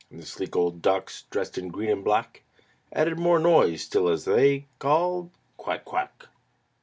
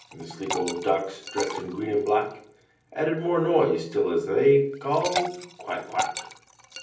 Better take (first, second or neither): first